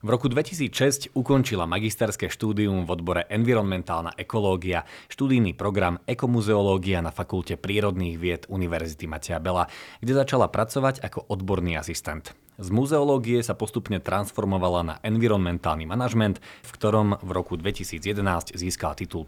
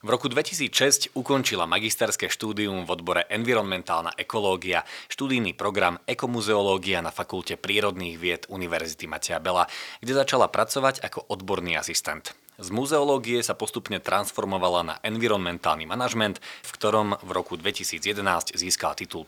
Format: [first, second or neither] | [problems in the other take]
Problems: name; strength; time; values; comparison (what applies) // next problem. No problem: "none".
first | thin; somewhat; fading below 700 Hz